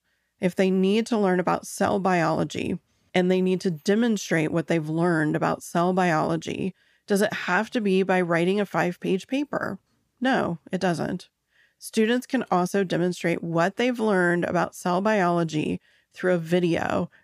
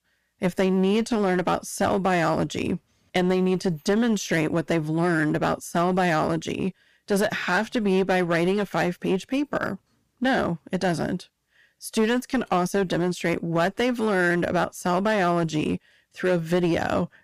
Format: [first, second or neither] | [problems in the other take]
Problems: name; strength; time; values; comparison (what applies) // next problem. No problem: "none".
first | distortion; slight; 9% of the sound clipped